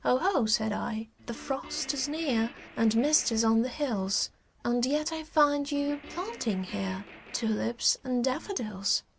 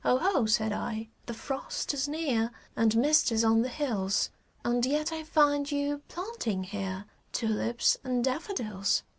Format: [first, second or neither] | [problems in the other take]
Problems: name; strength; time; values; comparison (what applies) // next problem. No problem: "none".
second | background sound (Guitar + Gunshot, gunfire); 19 dB below the speech